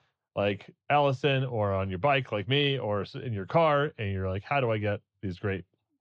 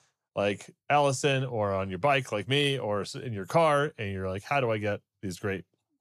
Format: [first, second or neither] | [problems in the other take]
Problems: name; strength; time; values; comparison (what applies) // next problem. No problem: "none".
second | muffled; slightly; fading above 3.5 kHz